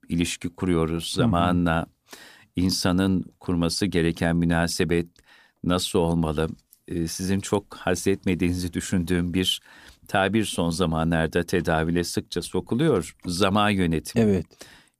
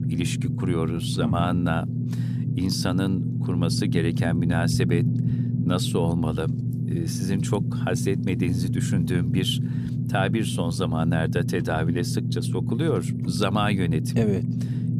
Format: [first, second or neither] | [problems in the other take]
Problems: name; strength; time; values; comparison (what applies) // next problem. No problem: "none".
first | low rumble; loud; throughout; 6 dB below the speech